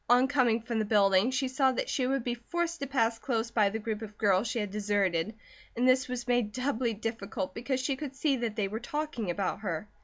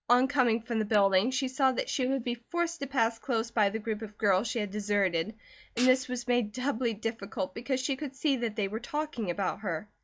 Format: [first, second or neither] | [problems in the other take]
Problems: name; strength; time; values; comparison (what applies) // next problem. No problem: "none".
first | noise reduction (neural mask model DeepFilterNet 3)